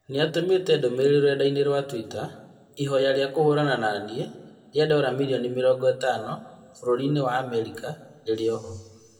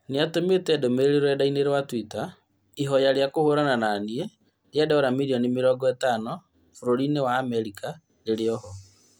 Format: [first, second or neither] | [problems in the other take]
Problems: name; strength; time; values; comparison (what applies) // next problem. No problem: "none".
second | room echo; dies away in 1 s